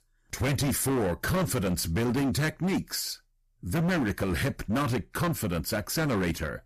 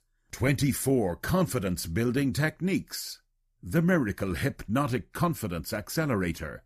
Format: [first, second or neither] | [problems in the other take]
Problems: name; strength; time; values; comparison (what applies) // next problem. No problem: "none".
second | distortion; heavy; 21% of the sound clipped